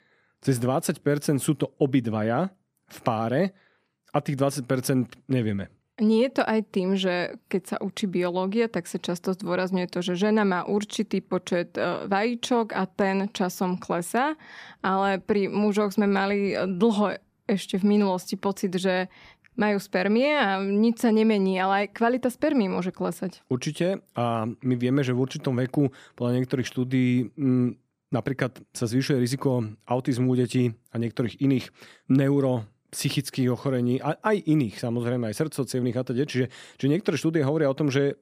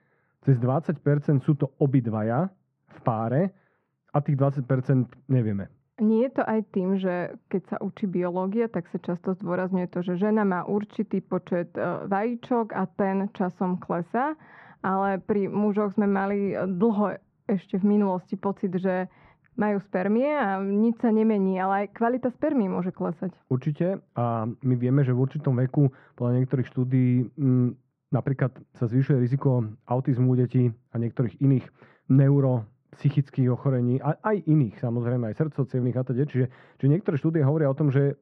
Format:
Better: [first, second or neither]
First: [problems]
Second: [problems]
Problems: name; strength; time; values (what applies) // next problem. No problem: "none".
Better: first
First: none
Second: muffled; very; fading above 1.5 kHz